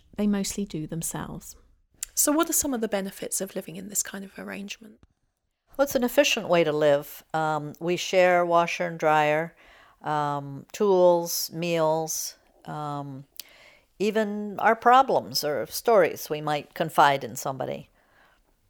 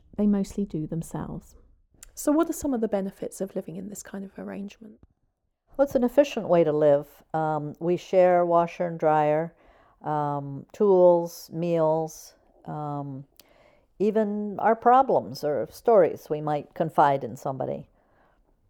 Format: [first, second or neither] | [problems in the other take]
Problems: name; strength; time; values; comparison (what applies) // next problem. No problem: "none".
first | muffled; slightly; fading above 1.5 kHz